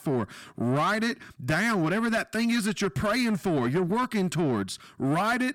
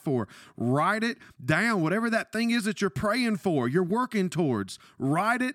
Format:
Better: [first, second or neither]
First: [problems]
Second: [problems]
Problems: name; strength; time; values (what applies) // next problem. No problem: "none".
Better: second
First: distortion; slight; 10 dB below the speech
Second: none